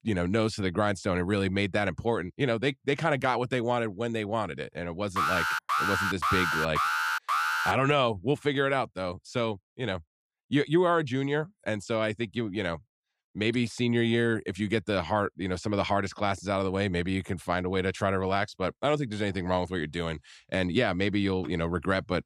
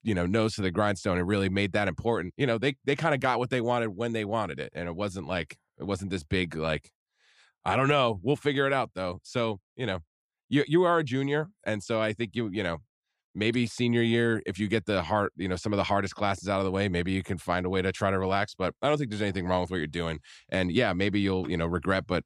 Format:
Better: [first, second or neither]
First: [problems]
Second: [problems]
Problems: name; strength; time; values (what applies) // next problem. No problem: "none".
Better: second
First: alarm; loud; from 5 to 7.5 s; peak 2 dB above the speech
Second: none